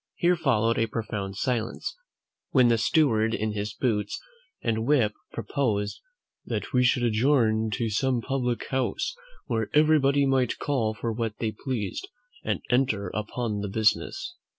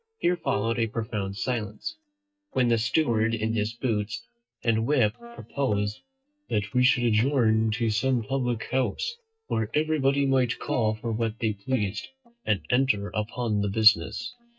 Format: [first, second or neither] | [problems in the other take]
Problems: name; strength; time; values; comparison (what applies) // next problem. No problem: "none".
first | noise reduction (neural mask model DeepFilterNet 3)